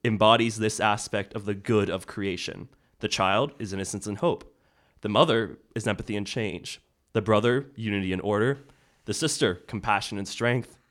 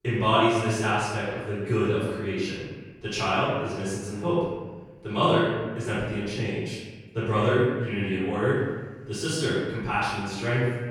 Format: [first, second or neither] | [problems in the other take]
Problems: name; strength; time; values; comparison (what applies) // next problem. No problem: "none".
first | off-mic speech; far // room echo; strong; dies away in 1.2 s